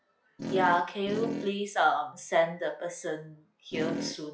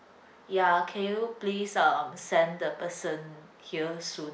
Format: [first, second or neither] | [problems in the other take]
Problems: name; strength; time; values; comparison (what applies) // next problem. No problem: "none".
second | noise reduction (classical method log-MMSE)